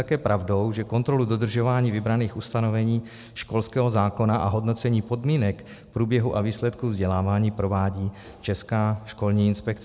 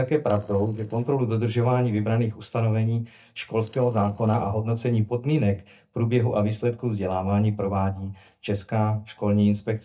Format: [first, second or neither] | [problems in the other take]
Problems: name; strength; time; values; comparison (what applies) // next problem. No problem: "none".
first | noise reduction (neural mask model DeepFilterNet 3)